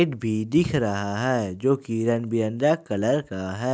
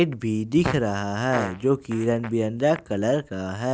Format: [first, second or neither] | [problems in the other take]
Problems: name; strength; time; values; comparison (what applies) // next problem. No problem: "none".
first | background sound (Fart); 14 dB below the speech